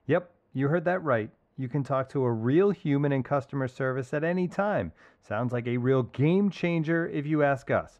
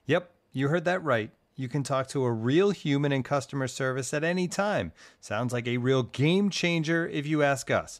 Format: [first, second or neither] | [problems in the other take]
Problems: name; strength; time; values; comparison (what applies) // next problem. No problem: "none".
second | muffled; very; fading above 3 kHz